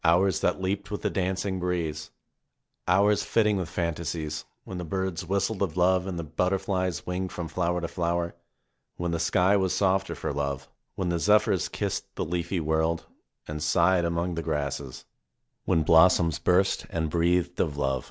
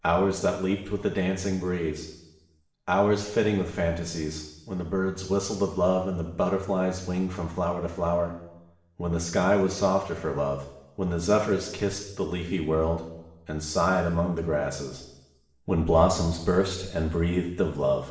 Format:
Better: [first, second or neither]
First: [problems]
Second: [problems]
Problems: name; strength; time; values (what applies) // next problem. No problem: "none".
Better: first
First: none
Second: room echo; dies away in 0.9 s